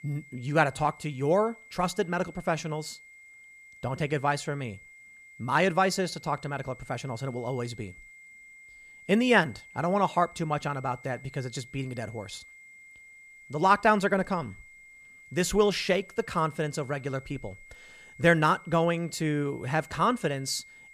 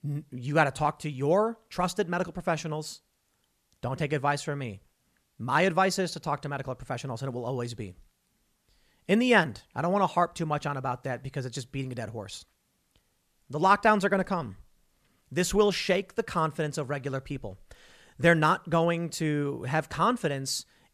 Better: second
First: high-pitched whine; faint; throughout; 2 kHz, 20 dB below the speech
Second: none

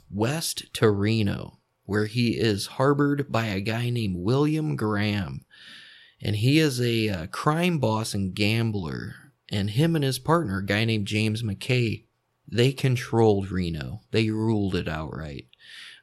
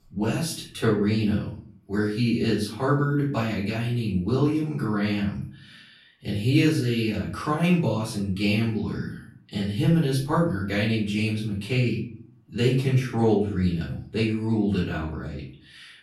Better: first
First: none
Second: off-mic speech; far // room echo; noticeable; dies away in 0.4 s

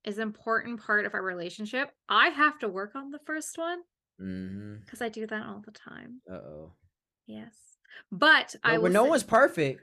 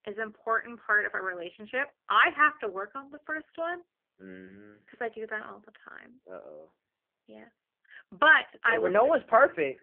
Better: first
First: none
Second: phone-call audio; poor line; nothing above 3.5 kHz

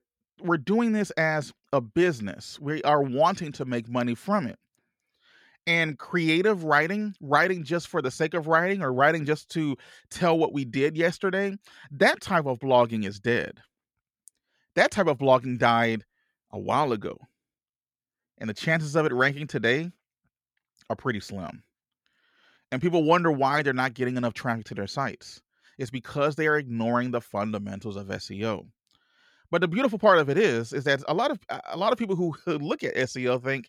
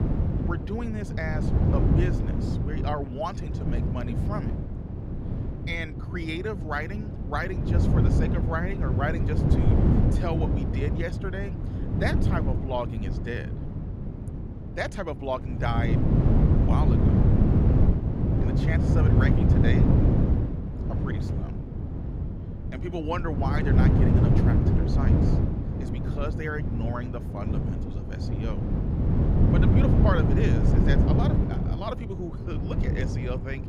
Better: first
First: none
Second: wind noise on the microphone; heavy; 1 dB below the speech

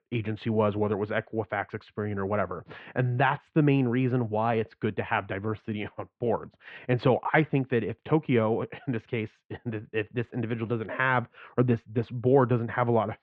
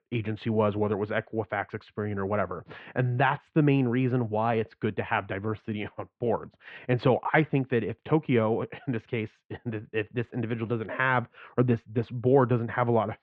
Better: neither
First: muffled; very; fading above 2.5 kHz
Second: muffled; very; fading above 2.5 kHz

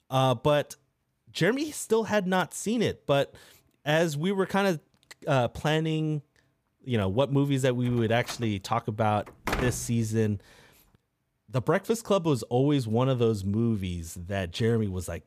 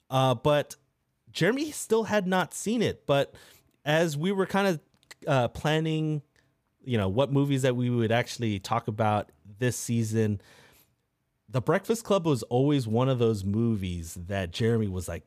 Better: second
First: door banging; noticeable; from 8 to 10 s; peak 3 dB below the speech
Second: none

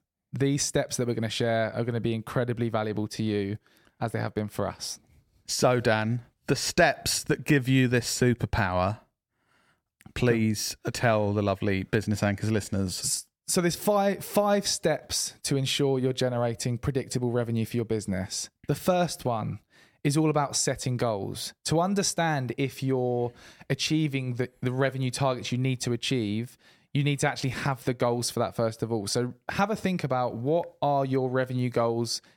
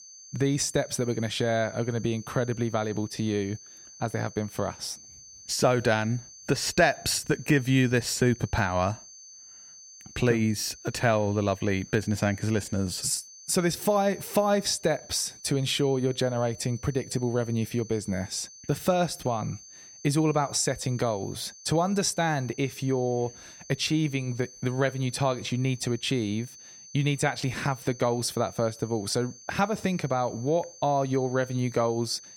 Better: first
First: none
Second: high-pitched whine; noticeable; throughout; 6 kHz, 20 dB below the speech

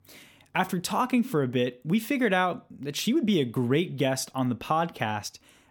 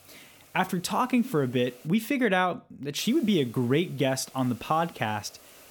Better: first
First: none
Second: hiss; faint; until 2 s and from 3 s on; 25 dB below the speech

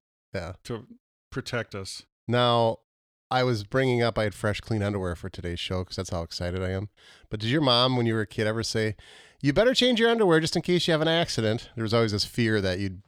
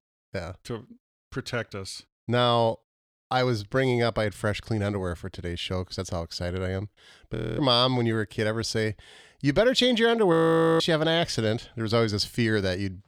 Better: first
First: none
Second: audio freezing; at 7.5 s and at 10 s

